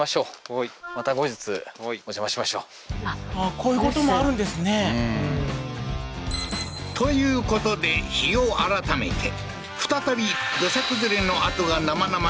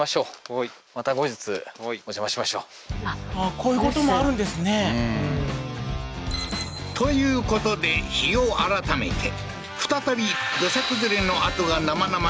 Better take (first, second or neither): second